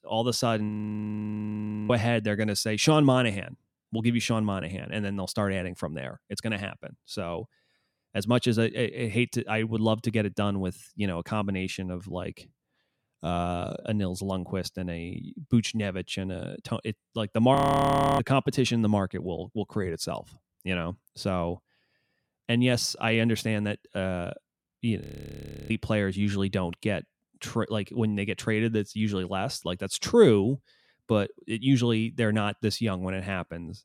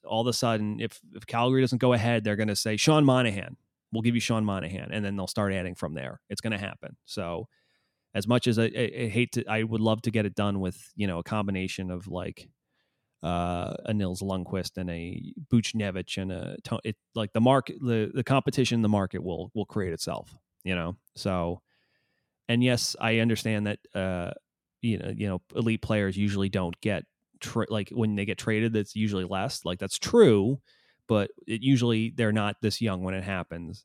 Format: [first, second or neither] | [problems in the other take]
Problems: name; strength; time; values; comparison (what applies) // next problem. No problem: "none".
second | audio freezing; at 0.5 s for 1 s, at 18 s for 0.5 s and at 25 s for 0.5 s